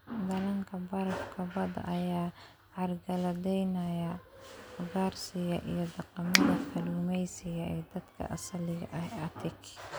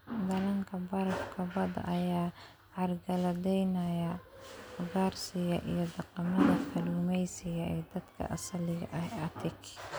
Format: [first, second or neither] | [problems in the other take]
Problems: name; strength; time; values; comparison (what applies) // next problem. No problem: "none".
second | background sound (Finger snapping); 5 dB above the speech